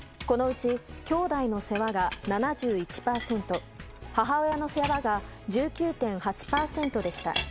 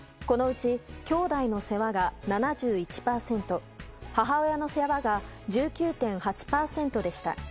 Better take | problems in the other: second | background sound (Chink, clink); 14 dB below the speech

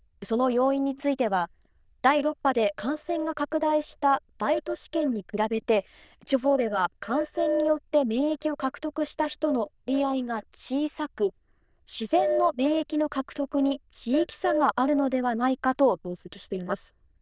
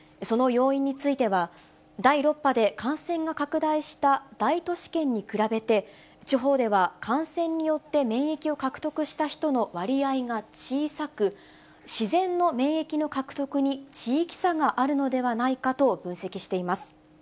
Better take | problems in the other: second | noise reduction (neural diffusion model UNIVERSE++)

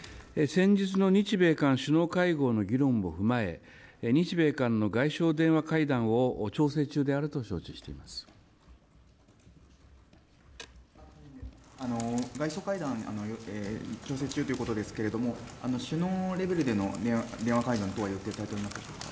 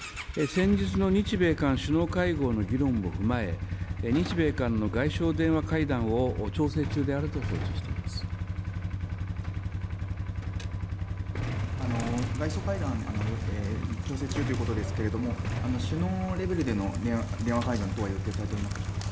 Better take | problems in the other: first | background sound (Idling / Engine starting / Motorcycle / Accelerating, revving, vroom); 2 dB below the speech

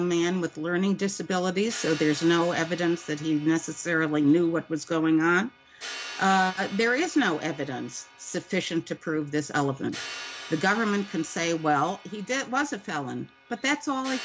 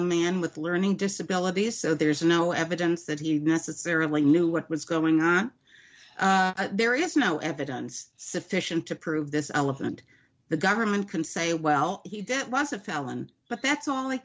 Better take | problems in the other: second | background sound (Crash cymbal); 17 dB below the speech

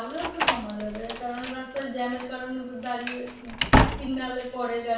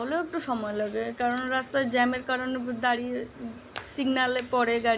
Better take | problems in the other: second | background sound (Slam); 3 dB above the speech // room echo; dies away in 0.7 s

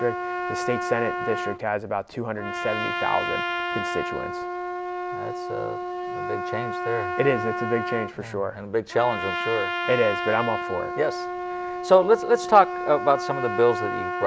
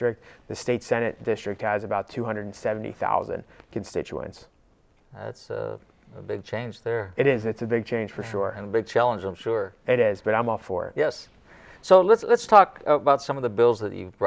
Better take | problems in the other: second | background sound (Trumpet); 4 dB below the speech

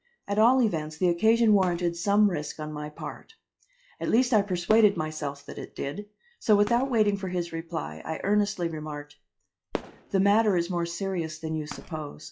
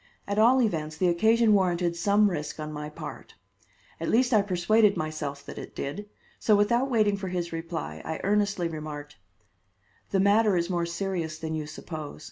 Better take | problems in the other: second | noise reduction (classical method log-MMSE)

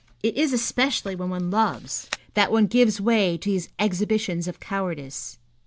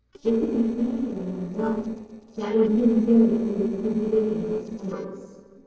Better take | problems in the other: first | noise reduction (neural separator model SepFormer DNS4)

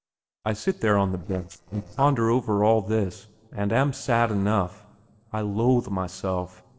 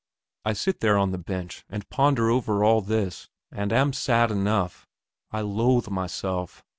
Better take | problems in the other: second | noise reduction (neural separator model SepFormer DNS4)

